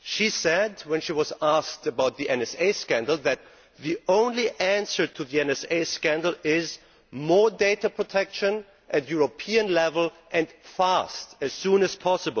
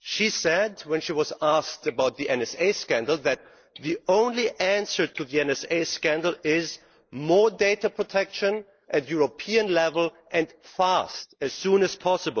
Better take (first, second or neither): first